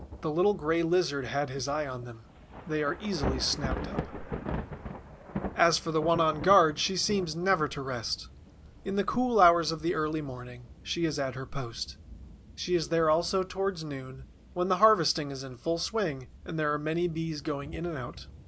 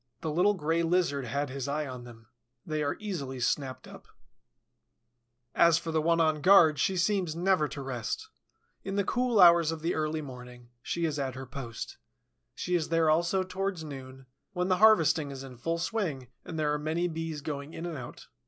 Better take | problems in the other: second | background sound (Thunder / Rain); 12 dB below the speech

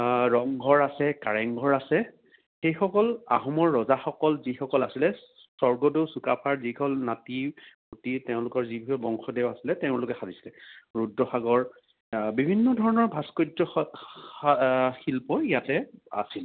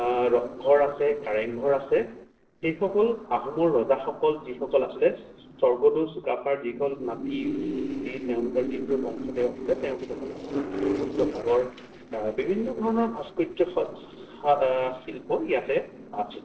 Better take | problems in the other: first | noise reduction (neural separator model SepFormer DNS4)

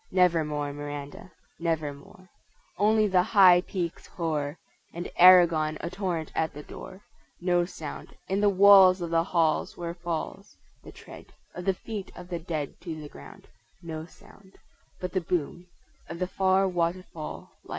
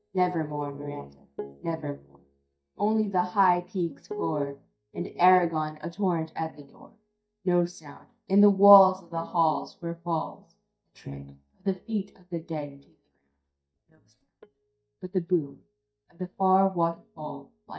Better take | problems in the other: first | noise reduction (neural mask model DeepFilterNet 3)

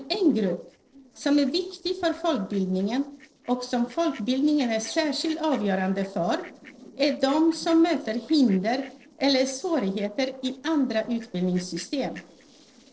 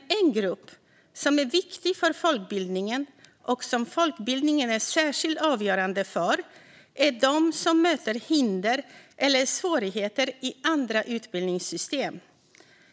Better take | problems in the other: second | noise reduction (neural separator model SepFormer DNS4)

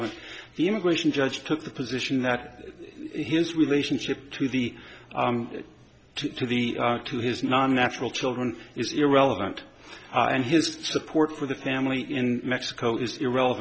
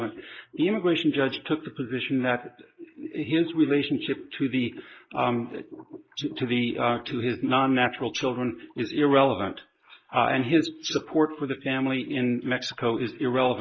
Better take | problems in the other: first | noise reduction (neural mask model Resemble Enhance denoiser)

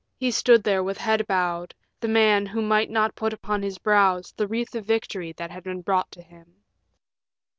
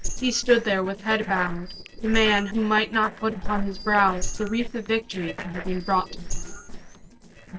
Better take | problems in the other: first | noise reduction (neural separator model SepFormer DNS4)

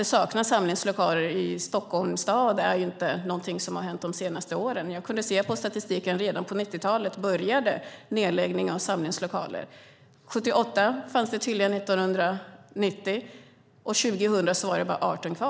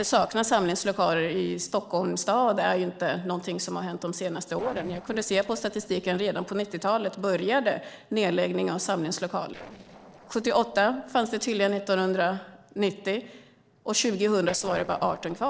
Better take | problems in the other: first | noise reduction (neural separator model SepFormer DNS4)

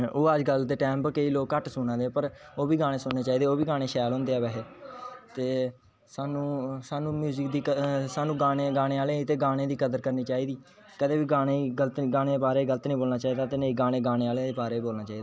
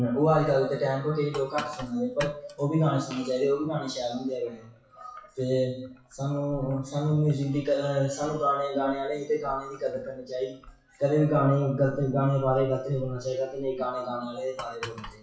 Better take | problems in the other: first | noise reduction (classical method WPE with log-MMSE)

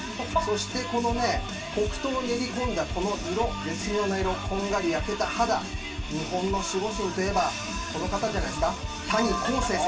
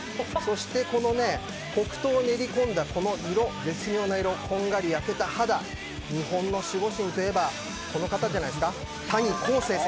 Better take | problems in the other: second | room echo; dies away in 0.2 s

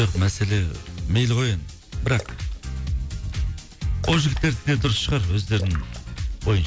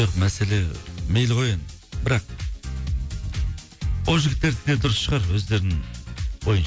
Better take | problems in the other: second | background sound (Splash, splatter); 19 dB below the speech

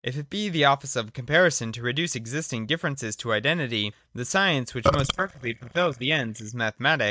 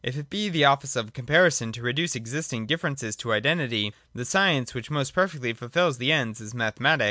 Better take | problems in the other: second | noise reduction (neural mask model DeepFilterNet 3)

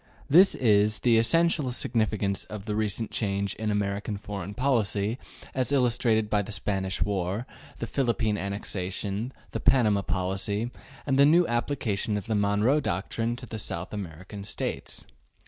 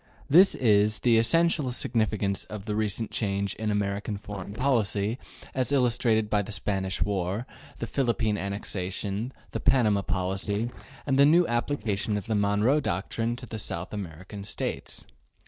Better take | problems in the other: first | noise reduction (neural separator model SepFormer DNS4)

